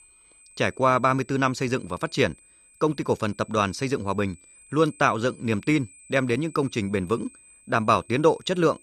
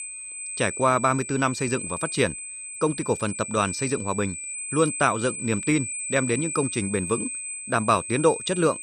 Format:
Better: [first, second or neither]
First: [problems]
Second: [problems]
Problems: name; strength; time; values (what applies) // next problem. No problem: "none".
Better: first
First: high-pitched whine; faint; throughout; 8 kHz, 25 dB below the speech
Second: high-pitched whine; loud; throughout; 8 kHz, 6 dB below the speech